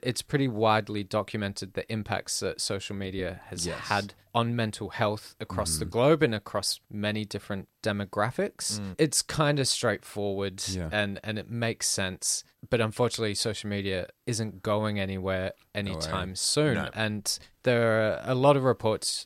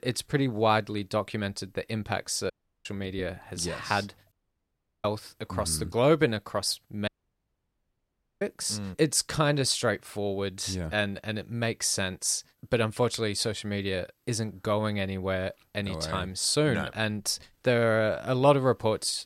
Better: first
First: none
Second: audio cutting out; at 2.5 s, at 4.5 s for 0.5 s and at 7 s for 1.5 s

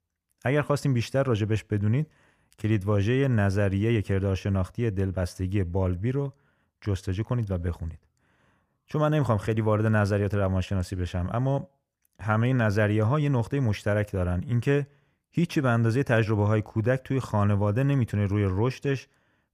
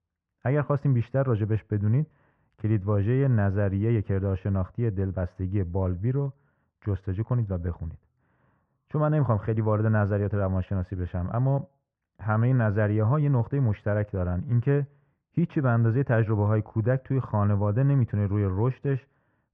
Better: first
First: none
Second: muffled; very; fading above 1.5 kHz

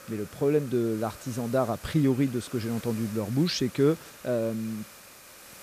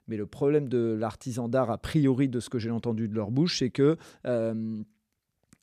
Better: second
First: hiss; noticeable; throughout; 15 dB below the speech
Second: none

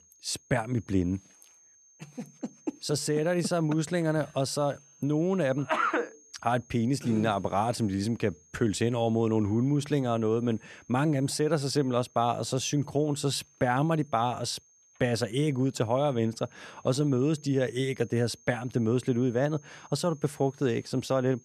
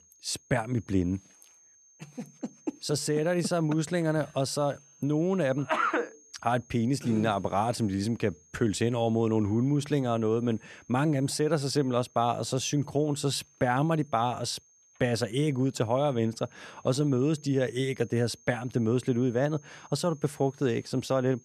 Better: neither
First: high-pitched whine; faint; throughout; 6.5 kHz, 30 dB below the speech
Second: high-pitched whine; faint; throughout; 6.5 kHz, 30 dB below the speech

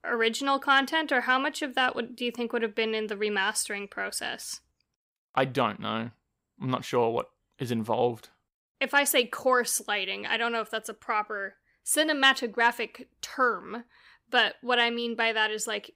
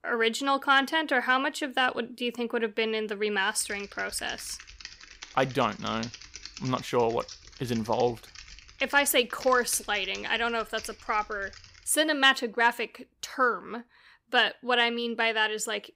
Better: first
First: none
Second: keyboard typing; faint; from 3.5 to 12 s; peak 15 dB below the speech

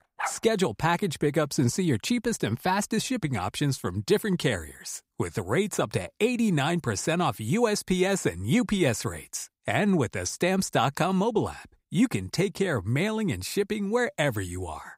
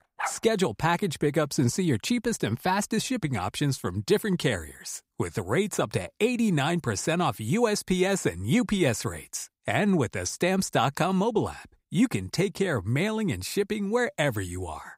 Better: neither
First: dog barking; noticeable; at the start; peak 7 dB below the speech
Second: dog barking; noticeable; at the start; peak 7 dB below the speech

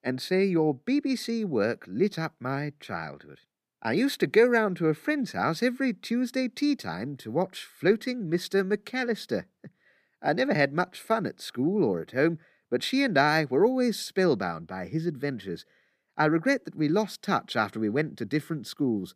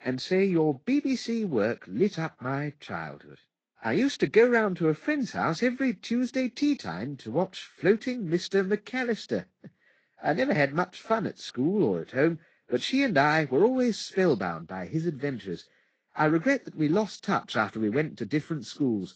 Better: first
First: none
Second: garbled, watery; slightly; nothing above 7.5 kHz

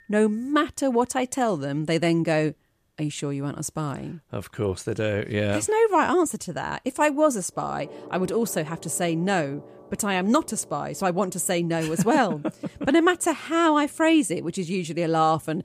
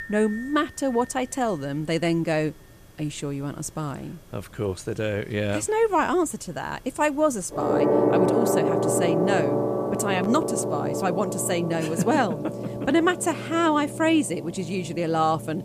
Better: first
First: background music; faint; throughout; 25 dB below the speech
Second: background music; loud; throughout; 2 dB below the speech

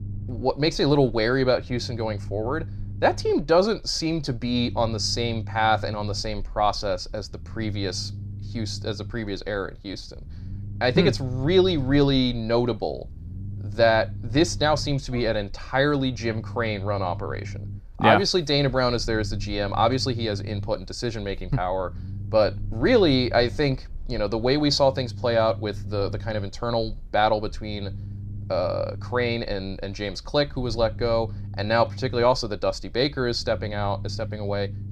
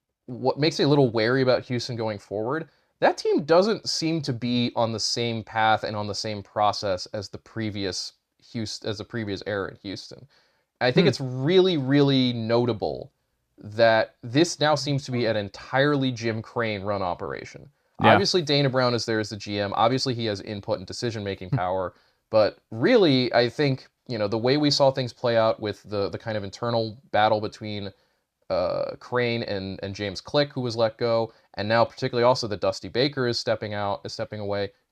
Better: second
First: low rumble; faint; throughout; 25 dB below the speech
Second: none

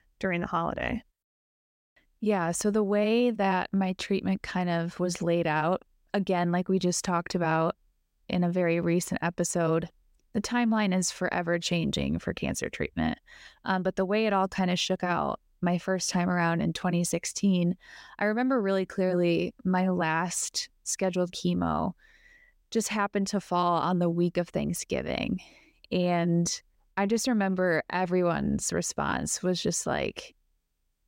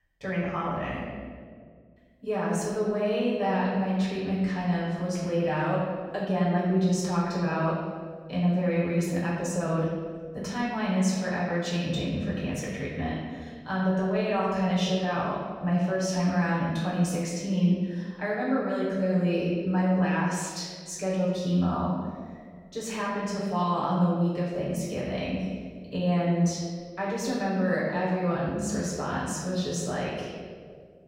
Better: first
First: none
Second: room echo; noticeable; dies away in 1.7 s // off-mic speech; far

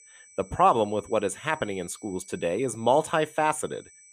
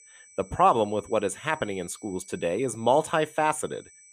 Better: neither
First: high-pitched whine; faint; throughout; 8 kHz, 25 dB below the speech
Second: high-pitched whine; faint; throughout; 8 kHz, 25 dB below the speech

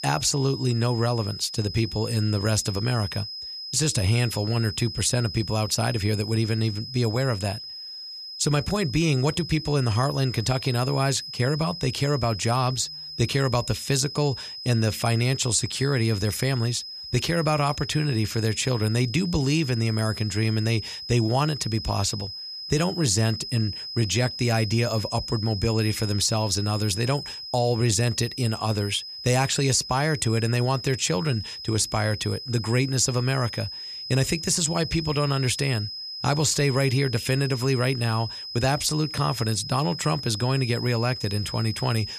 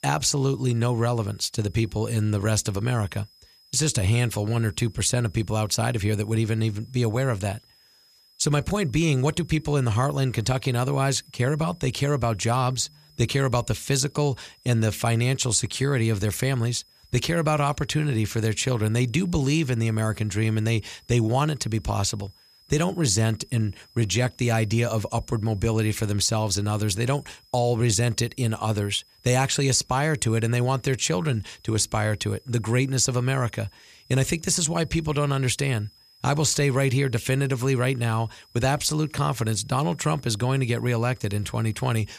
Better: second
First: high-pitched whine; loud; throughout; 5 kHz, 9 dB below the speech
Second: high-pitched whine; faint; throughout; 5 kHz, 30 dB below the speech

